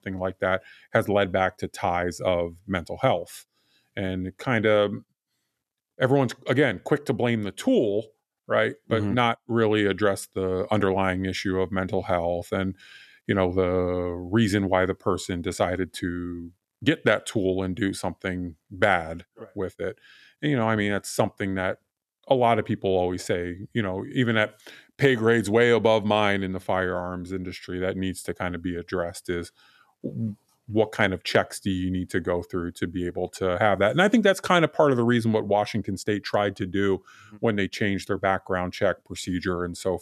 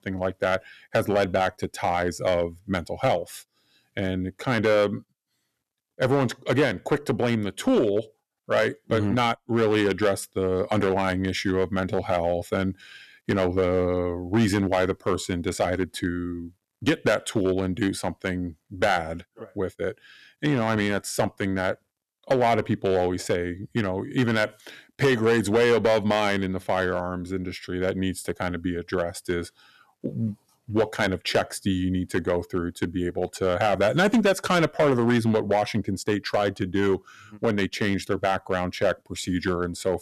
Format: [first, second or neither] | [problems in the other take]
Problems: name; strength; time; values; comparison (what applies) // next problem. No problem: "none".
first | distortion; slight; 4% of the sound clipped